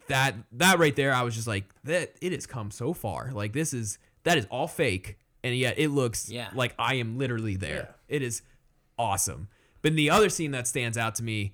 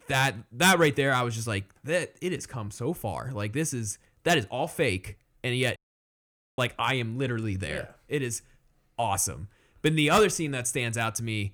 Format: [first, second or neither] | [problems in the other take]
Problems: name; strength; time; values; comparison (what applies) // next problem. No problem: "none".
first | audio cutting out; at 6 s for 1 s